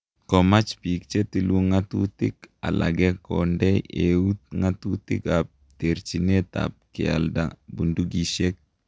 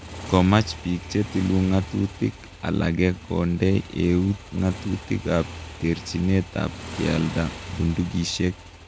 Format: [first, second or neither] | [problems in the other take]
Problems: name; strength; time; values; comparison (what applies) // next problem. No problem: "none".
first | background sound (Motorcycle); 14 dB below the speech